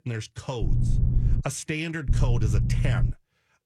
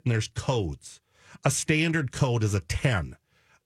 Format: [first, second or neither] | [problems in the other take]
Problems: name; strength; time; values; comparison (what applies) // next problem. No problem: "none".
second | low rumble; loud; at 0.5 s and from 2 to 3 s; 6 dB below the speech